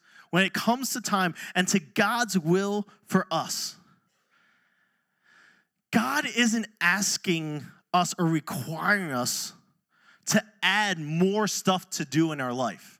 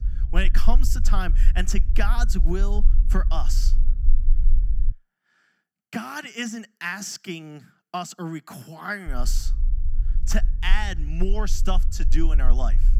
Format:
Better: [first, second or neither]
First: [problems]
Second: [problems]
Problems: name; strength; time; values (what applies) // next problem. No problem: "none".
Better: first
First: none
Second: low rumble; noticeable; until 5 s and from 9 s on; 15 dB below the speech